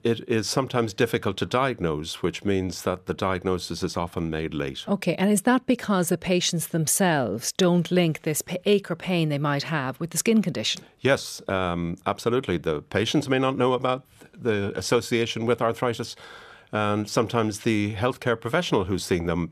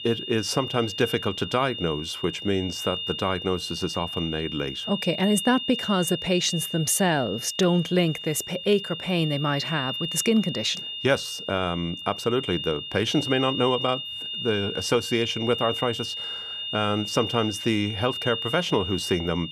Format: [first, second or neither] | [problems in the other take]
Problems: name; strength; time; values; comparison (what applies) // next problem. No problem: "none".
first | high-pitched whine; loud; throughout; 3 kHz, 6 dB below the speech